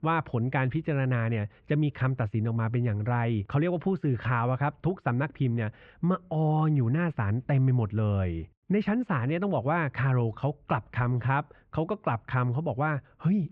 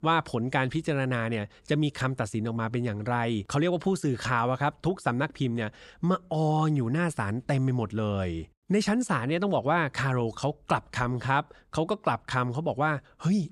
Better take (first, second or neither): second